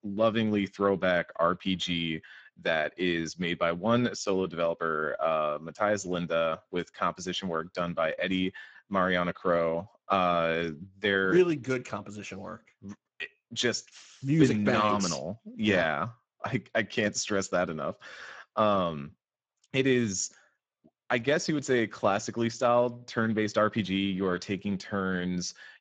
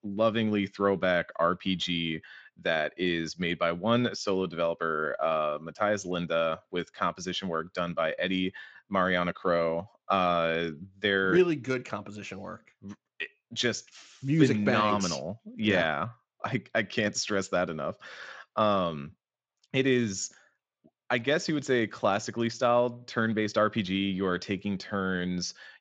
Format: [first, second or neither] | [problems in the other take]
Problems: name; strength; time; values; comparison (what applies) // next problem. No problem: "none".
second | garbled, watery; badly; nothing above 7.5 kHz; slightly in the second